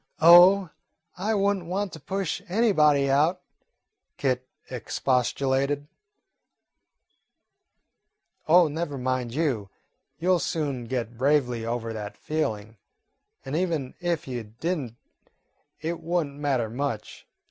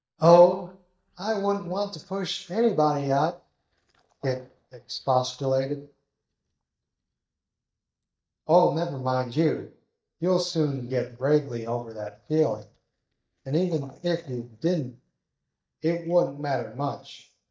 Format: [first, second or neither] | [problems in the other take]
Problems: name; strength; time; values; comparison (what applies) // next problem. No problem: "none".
first | noise reduction (neural mask model DeepFilterNet 3)